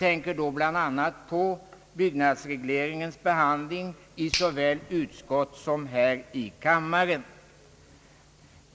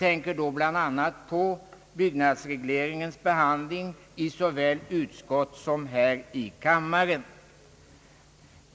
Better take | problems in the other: second | background sound (Finger snapping); 17 dB below the speech

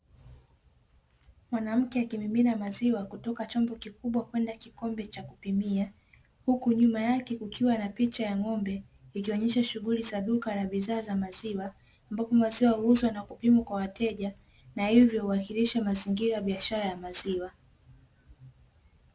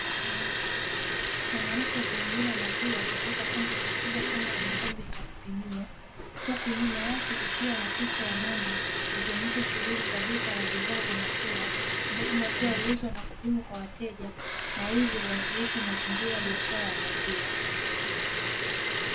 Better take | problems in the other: first | background sound (Liquid); 4 dB above the speech

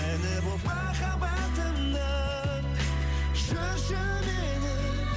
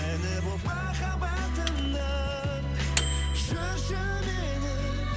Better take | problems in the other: first | background sound (Microwave oven); 10 dB below the speech

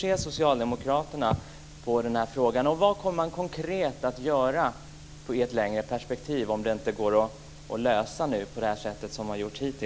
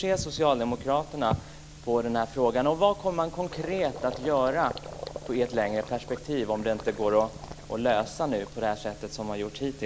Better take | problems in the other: first | background sound (Gurgling); 17 dB below the speech

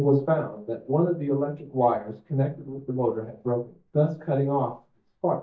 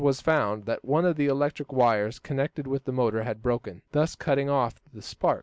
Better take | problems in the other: second | noise reduction (neural mask model DeepFilterNet 3)

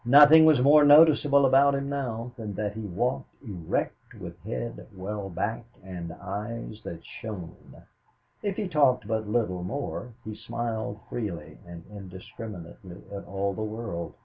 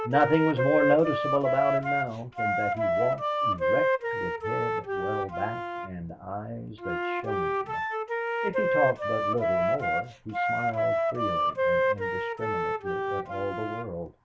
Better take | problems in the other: first | background sound (Wind instrument, woodwind instrument); 3 dB above the speech

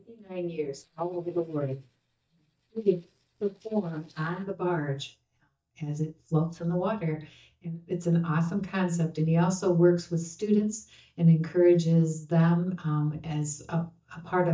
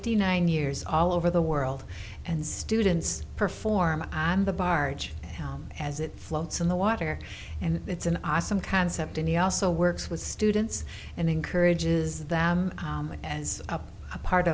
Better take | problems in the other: second | noise reduction (neural mask model DeepFilterNet 3)

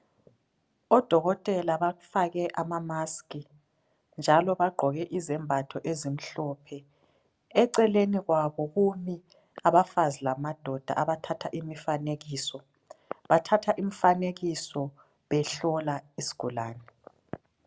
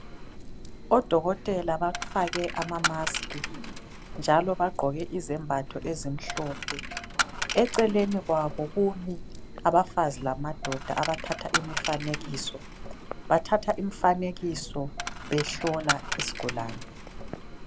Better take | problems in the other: first | background sound (Coin (dropping)); 6 dB below the speech

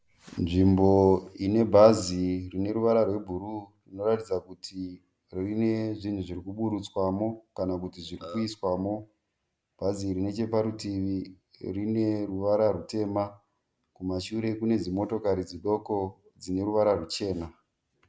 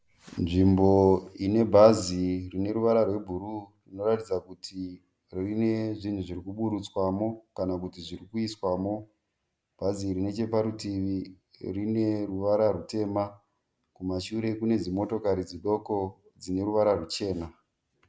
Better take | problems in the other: second | background sound (Burping, eructation); 15 dB below the speech

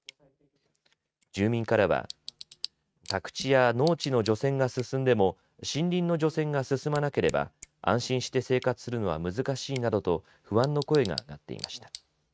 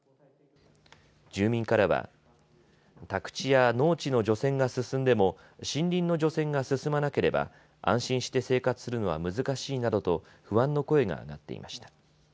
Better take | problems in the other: second | noise reduction (neural mask model RNNoise)

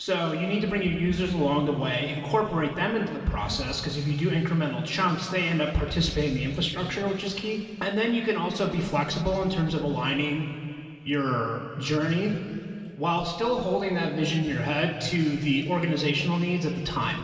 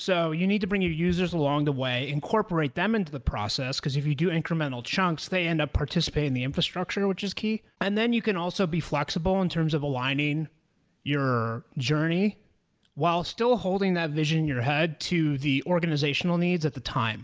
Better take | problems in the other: second | room echo; dies away in 2.5 s

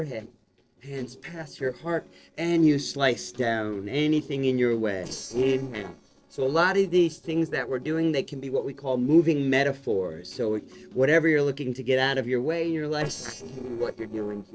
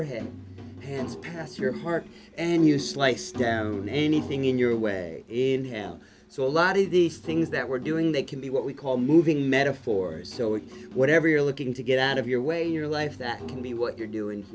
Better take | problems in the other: second | noise reduction (neural separator model SepFormer DNS4)

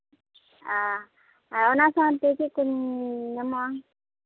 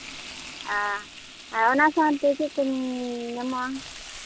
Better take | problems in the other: first | background sound (Frying (food)); 15 dB below the speech

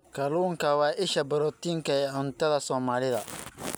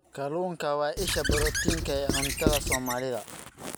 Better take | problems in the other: first | background sound (Squeak / Writing); 1 dB above the speech

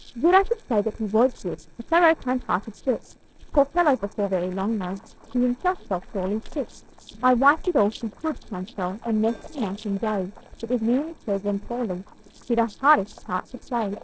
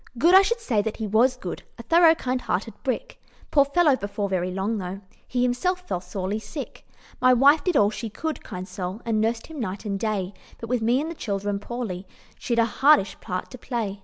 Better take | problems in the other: second | noise reduction (neural separator model SepFormer DNS4)

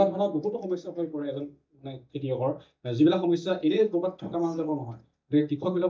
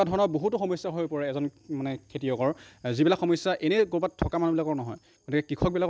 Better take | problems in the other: second | noise reduction (neural mask model DeepFilterNet 3)

